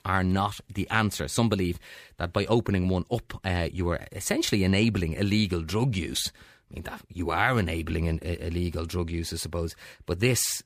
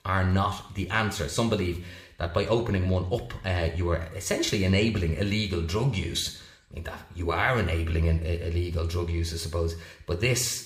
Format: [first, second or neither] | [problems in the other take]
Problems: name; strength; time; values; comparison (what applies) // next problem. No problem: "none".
first | room echo; slight; dies away in 0.6 s